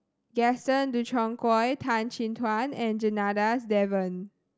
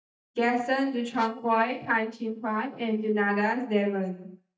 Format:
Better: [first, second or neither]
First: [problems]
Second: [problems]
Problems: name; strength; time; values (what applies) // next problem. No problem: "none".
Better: first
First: none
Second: noise reduction (neural mask model DeepFilterNet 3)